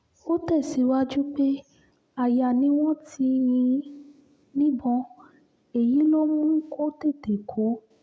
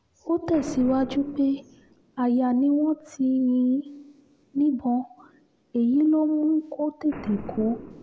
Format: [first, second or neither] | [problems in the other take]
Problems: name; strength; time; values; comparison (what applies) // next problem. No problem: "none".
first | background sound (Boom); 19 dB below the speech